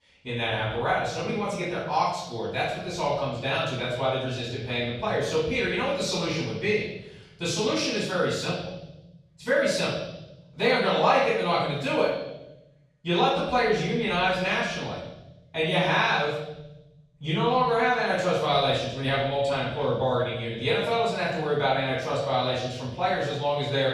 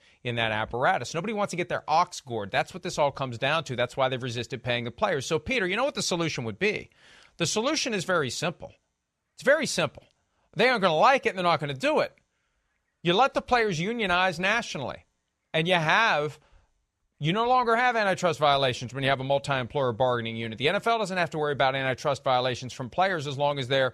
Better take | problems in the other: second | off-mic speech; far // room echo; noticeable; dies away in 1.1 s

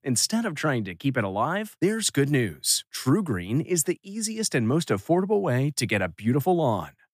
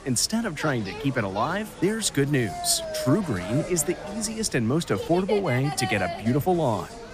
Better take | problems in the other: first | animal sounds; loud; throughout; 10 dB below the speech

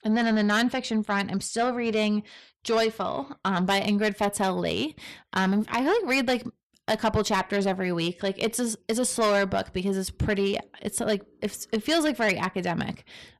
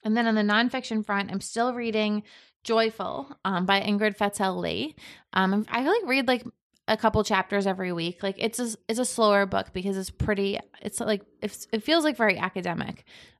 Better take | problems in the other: second | distortion; slight; 10 dB below the speech

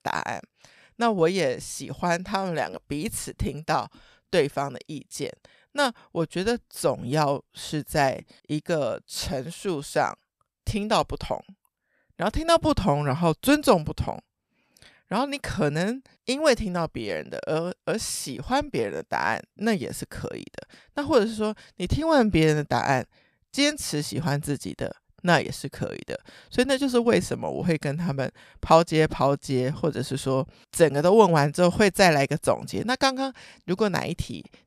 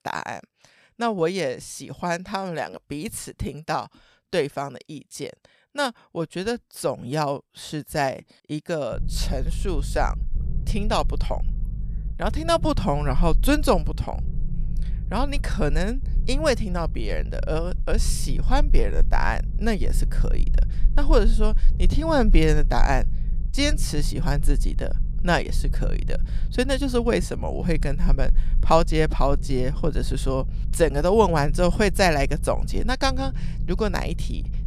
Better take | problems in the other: first | low rumble; faint; from 9 s on; 20 dB below the speech

